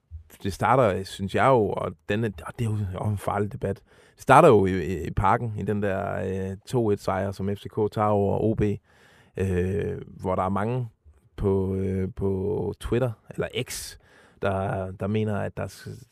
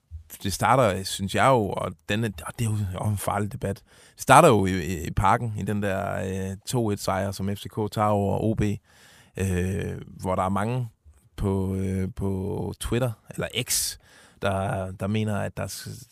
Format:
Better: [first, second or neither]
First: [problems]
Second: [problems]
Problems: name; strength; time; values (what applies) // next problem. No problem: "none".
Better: second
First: muffled; slightly; fading above 3.5 kHz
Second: none